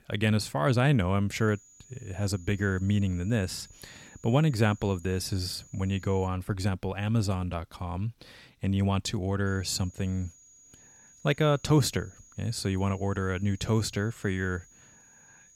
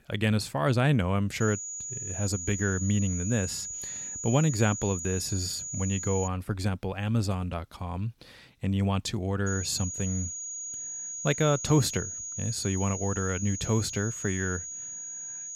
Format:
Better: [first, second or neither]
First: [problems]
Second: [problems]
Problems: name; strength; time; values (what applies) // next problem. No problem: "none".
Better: first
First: high-pitched whine; faint; from 1.5 to 6.5 s and from 9.5 s on; 7 kHz, 25 dB below the speech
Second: high-pitched whine; loud; from 1.5 to 6.5 s and from 9.5 s on; 7 kHz, 5 dB below the speech